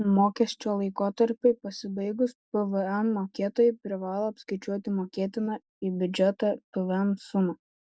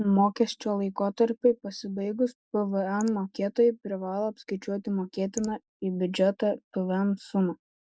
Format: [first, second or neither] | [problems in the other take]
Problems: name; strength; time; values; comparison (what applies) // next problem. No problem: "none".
first | noise reduction (neural mask model Resemble Enhance denoiser)